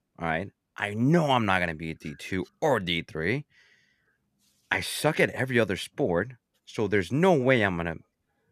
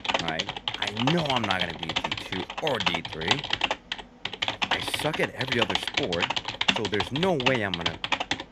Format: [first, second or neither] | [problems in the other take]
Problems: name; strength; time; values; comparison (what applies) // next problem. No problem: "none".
first | keyboard typing; loud; peak 6 dB above the speech